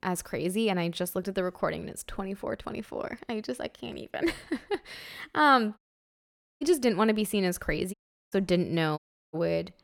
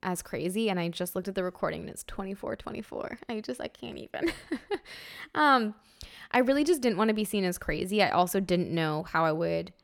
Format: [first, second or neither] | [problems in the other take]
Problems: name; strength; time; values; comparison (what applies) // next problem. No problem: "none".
second | audio cutting out; at 6 s for 1 s, at 8 s and at 9 s